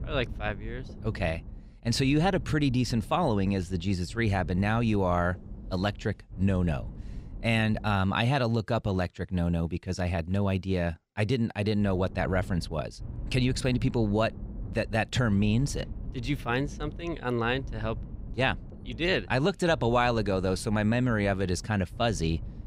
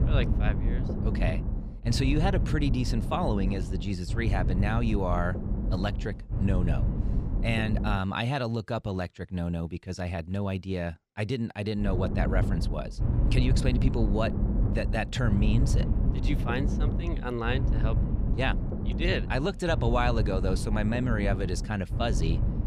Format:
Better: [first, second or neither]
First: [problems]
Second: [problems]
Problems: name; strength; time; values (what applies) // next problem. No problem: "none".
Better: first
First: low rumble; faint; until 8 s and from 12 s on; 25 dB below the speech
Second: low rumble; loud; until 8 s and from 12 s on; 8 dB below the speech